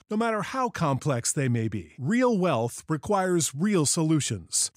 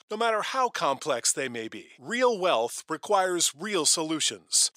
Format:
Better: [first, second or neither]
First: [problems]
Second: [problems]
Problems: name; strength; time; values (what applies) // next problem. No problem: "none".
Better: first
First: none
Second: thin; very; fading below 550 Hz